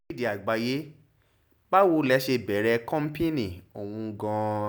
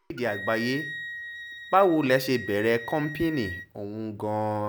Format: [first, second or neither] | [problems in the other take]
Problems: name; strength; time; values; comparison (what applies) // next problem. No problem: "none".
first | background sound (Wind instrument, woodwind instrument); 13 dB below the speech